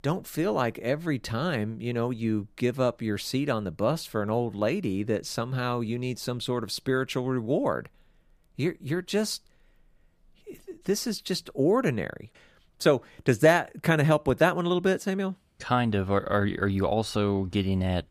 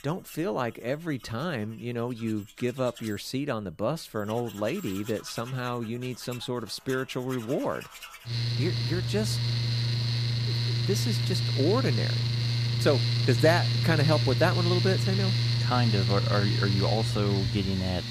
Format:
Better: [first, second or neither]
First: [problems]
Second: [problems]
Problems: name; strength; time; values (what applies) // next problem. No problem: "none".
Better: first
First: none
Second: machinery noise; very loud; throughout; 3 dB above the speech